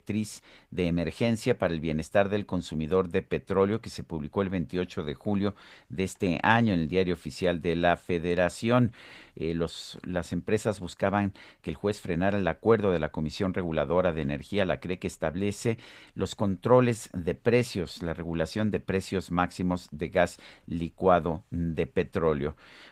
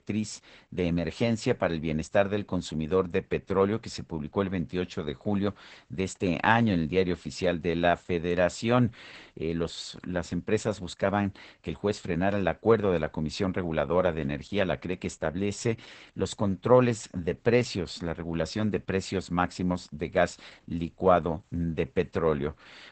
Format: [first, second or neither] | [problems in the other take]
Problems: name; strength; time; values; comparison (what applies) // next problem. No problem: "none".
first | garbled, watery; badly; nothing above 8 kHz; slightly in the first